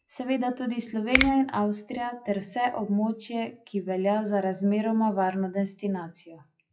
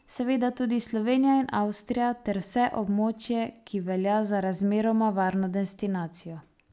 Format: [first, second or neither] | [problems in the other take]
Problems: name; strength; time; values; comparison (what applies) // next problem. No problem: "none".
second | noise reduction (classical method WPE with log-MMSE)